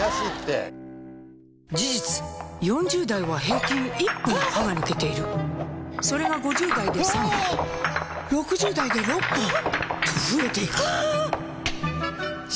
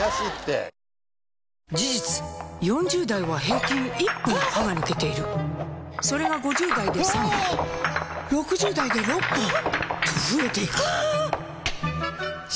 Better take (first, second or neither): second